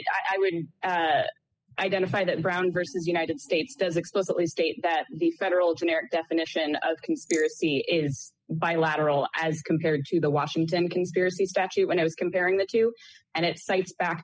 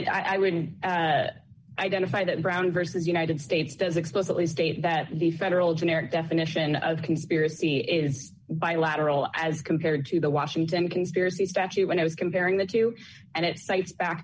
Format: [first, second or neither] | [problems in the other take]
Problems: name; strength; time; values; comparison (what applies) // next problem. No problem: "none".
second | noise reduction (classical method spectral subtraction)